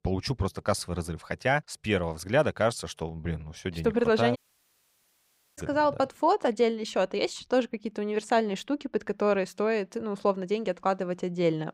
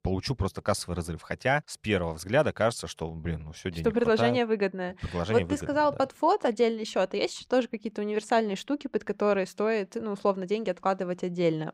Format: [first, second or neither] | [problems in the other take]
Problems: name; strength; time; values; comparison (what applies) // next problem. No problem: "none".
second | audio cutting out; at 4.5 s for 1 s